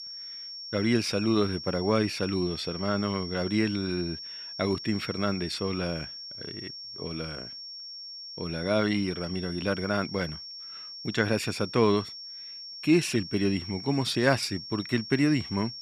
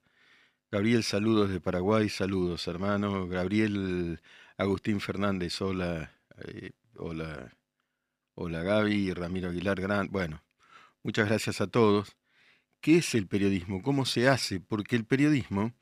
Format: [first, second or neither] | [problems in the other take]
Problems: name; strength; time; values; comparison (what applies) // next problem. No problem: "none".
second | high-pitched whine; loud; throughout; 5.5 kHz, 10 dB below the speech